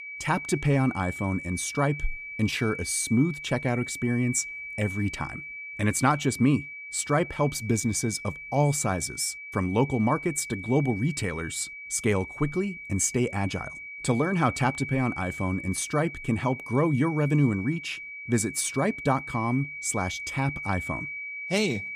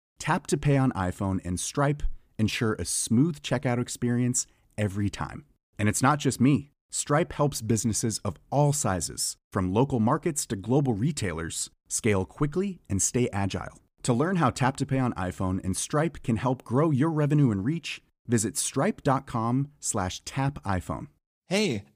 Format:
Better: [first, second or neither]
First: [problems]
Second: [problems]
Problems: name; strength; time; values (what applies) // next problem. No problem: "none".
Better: second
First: high-pitched whine; loud; throughout; 2.5 kHz, 9 dB below the speech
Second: none